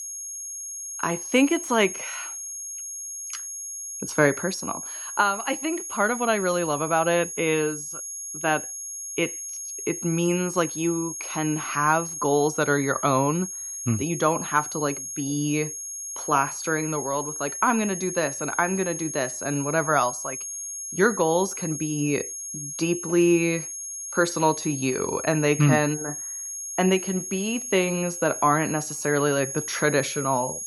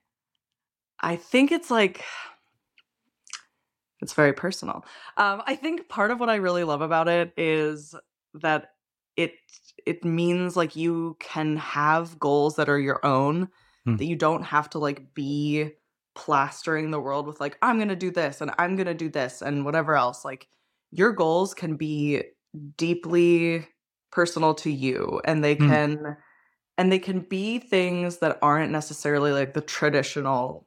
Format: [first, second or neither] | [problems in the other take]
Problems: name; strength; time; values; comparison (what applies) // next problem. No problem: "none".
second | high-pitched whine; loud; throughout; 6.5 kHz, 7 dB below the speech